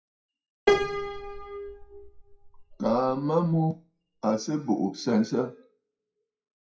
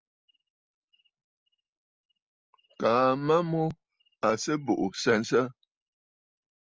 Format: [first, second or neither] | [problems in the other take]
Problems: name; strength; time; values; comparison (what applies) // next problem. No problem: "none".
second | noise reduction (classical method WPE with log-MMSE)